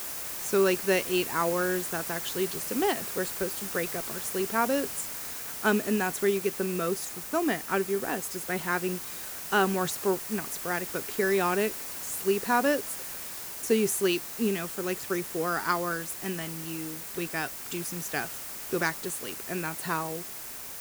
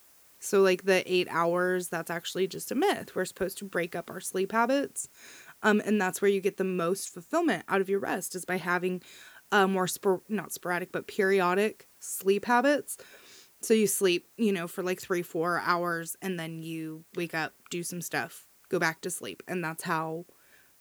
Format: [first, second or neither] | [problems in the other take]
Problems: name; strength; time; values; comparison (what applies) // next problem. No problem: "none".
second | hiss; loud; throughout; 5 dB below the speech; faint in the second